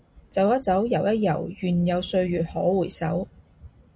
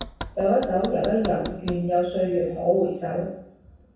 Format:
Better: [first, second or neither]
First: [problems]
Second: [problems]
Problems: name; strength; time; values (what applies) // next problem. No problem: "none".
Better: first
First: none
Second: background sound (Knock); 15 dB below the speech // room echo; dies away in 0.7 s